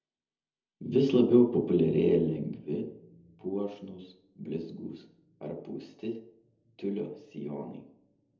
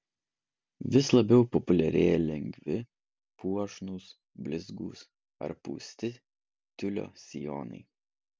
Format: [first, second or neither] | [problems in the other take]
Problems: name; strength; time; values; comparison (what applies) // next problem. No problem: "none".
second | room echo; dies away in 0.8 s